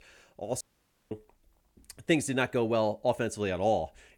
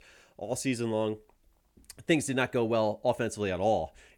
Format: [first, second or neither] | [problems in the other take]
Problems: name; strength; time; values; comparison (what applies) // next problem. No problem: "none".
second | audio cutting out; at 0.5 s for 0.5 s